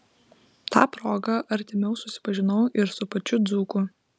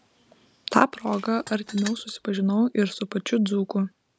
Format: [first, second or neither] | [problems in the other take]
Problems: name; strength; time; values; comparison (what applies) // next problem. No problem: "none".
first | background sound (Tools); 17 dB below the speech